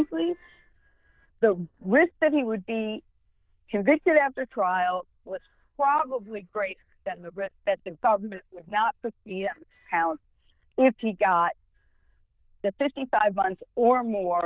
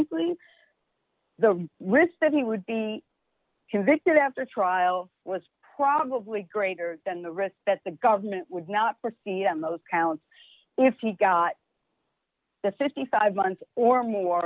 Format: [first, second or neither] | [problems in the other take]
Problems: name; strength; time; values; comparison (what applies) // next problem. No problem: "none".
second | noise reduction (neural diffusion model UNIVERSE++)